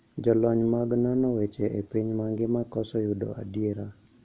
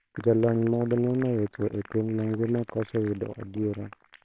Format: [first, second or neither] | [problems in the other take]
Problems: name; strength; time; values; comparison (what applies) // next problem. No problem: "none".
first | noise reduction (neural separator model SepFormer WHAMR!)